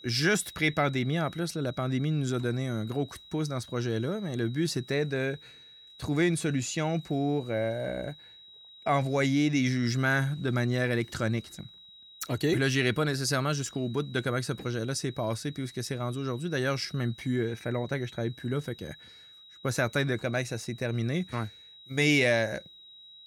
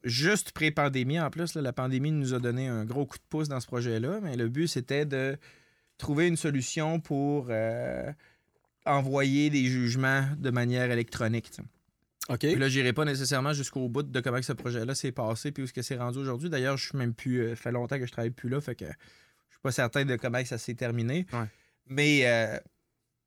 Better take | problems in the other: second | high-pitched whine; noticeable; throughout; 4 kHz, 20 dB below the speech

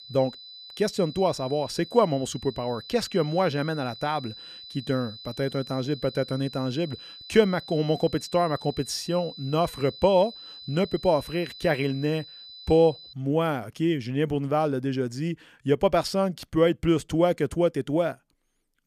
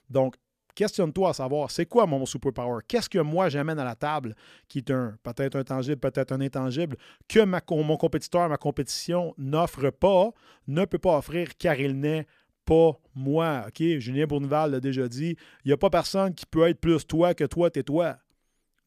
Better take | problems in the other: second | high-pitched whine; noticeable; until 13 s; 4 kHz, 15 dB below the speech

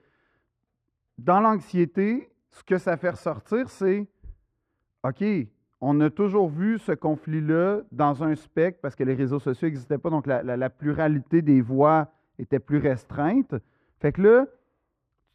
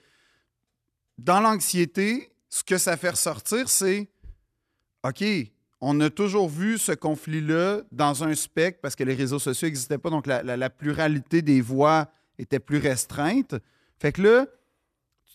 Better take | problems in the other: second | muffled; very; fading above 4 kHz

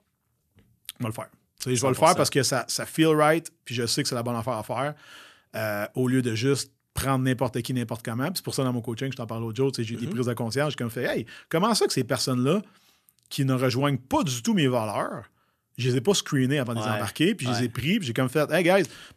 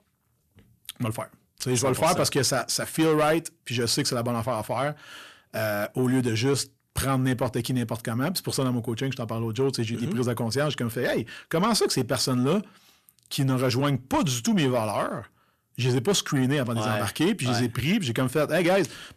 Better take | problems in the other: first | distortion; slight; 10 dB below the speech

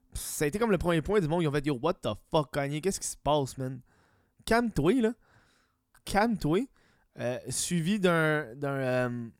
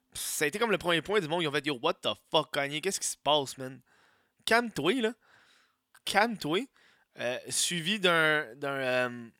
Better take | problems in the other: first | thin; very slightly; fading below 950 Hz

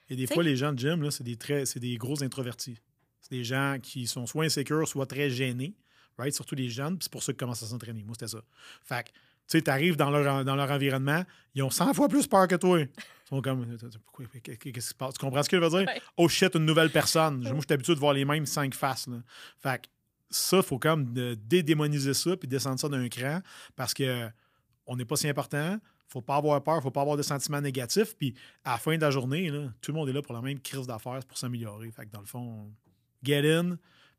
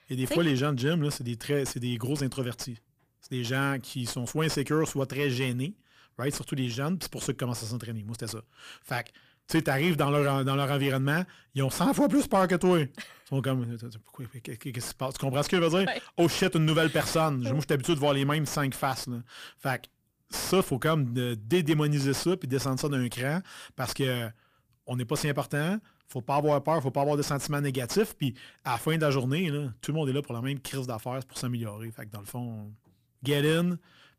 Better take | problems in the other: first | distortion; slight; 10 dB below the speech

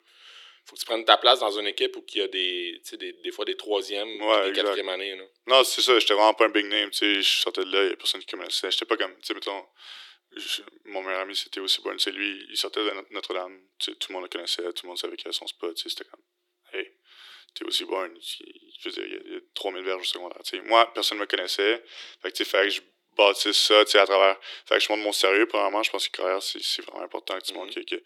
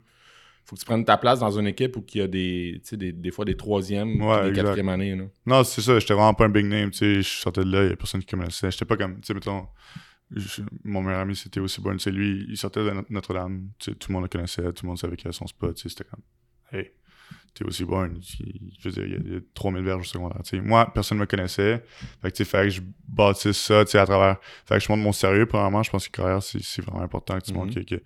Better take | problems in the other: second | thin; very; fading below 350 Hz

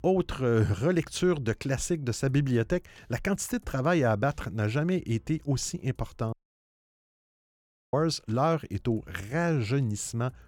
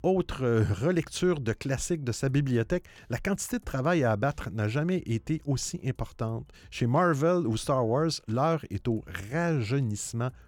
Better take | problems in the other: second | audio cutting out; at 6.5 s for 1.5 s

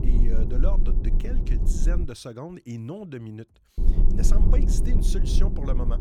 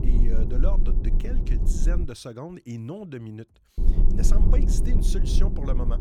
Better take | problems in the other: neither | low rumble; loud; until 2 s and from 4 s on; 3 dB below the speech; the same in both

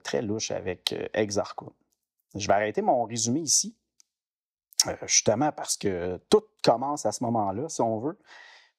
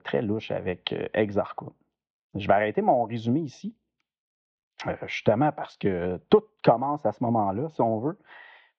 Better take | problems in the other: first | muffled; very; fading above 3 kHz

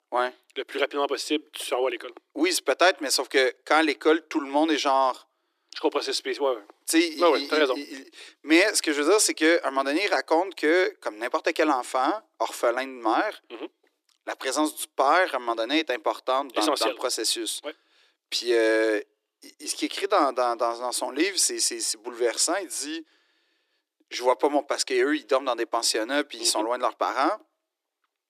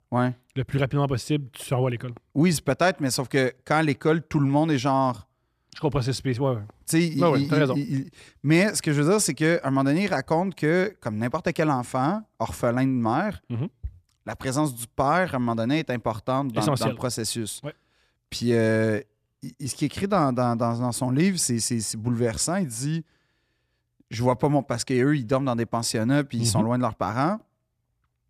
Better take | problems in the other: second | thin; very; fading below 300 Hz

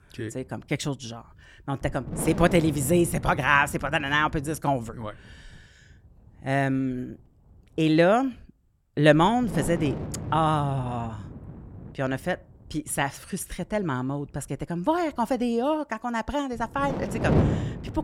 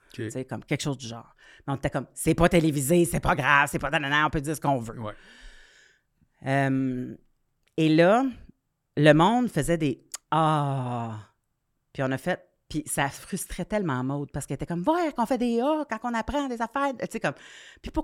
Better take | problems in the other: second | wind noise on the microphone; occasional gusts; 10 dB below the speech

